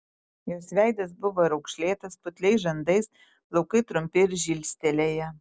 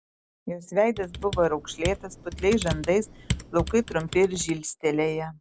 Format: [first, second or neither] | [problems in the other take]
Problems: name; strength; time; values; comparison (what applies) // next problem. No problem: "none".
first | background sound (Computer keyboard); 9 dB below the speech